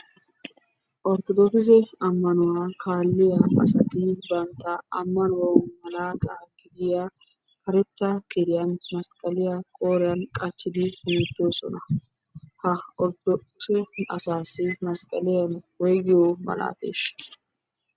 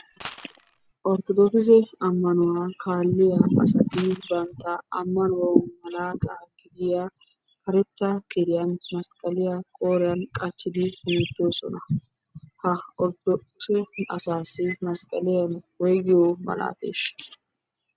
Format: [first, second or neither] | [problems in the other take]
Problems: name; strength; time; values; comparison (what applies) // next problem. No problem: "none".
first | background sound (Coin (dropping)); 18 dB below the speech